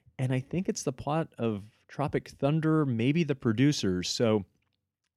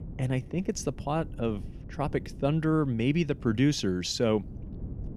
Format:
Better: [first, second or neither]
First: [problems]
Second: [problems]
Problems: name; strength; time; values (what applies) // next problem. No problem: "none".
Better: first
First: none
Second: wind noise on the microphone; occasional gusts; 20 dB below the speech